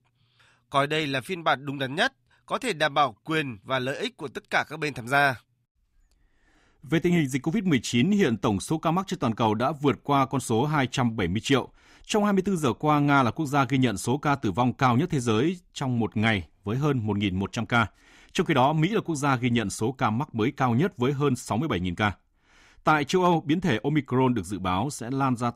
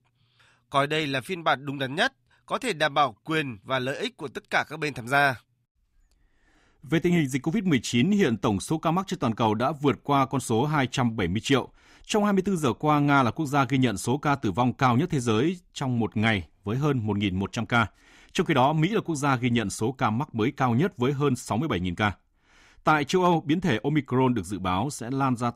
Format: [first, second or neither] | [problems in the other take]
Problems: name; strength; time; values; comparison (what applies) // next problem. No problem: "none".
neither | none